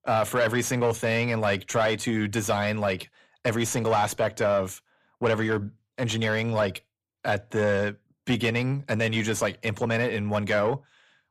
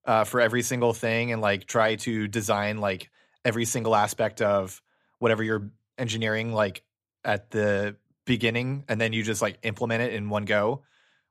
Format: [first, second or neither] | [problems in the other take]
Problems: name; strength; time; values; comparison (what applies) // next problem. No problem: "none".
second | distortion; slight; 10 dB below the speech